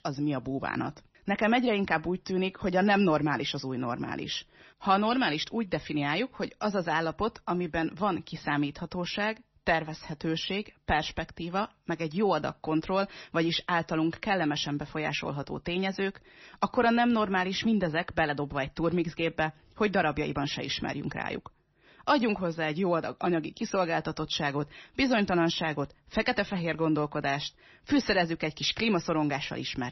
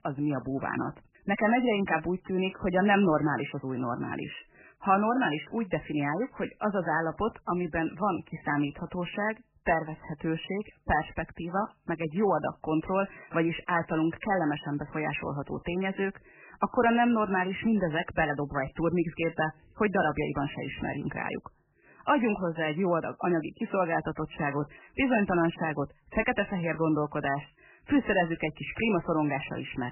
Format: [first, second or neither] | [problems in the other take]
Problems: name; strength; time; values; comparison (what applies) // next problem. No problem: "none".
first | garbled, watery; badly; nothing above 3 kHz; slightly in the first